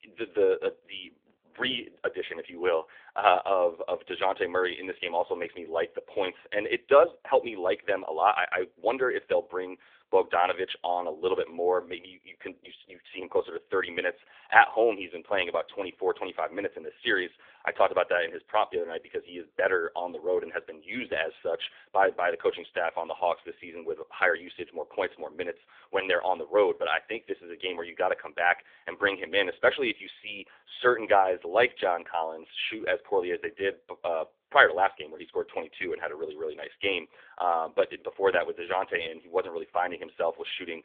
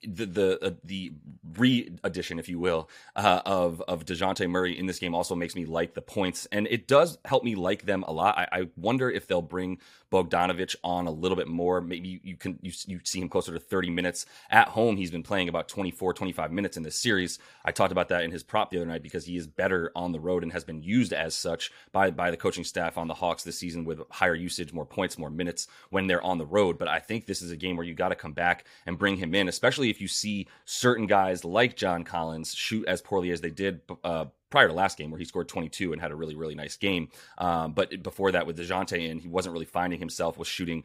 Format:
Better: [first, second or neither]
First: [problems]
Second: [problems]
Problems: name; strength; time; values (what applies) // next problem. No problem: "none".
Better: second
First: phone-call audio; nothing above 3.5 kHz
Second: none